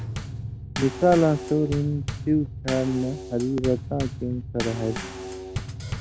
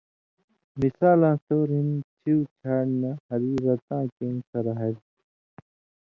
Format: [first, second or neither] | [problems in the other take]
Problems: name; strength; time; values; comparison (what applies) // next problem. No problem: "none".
second | background sound (Bass drum / Snare drum / Drum kit); 8 dB below the speech